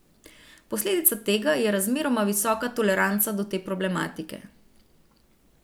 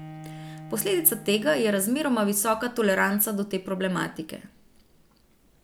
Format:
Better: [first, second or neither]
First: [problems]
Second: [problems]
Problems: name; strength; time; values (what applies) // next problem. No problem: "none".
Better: first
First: none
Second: background sound (Bowed string instrument); 20 dB below the speech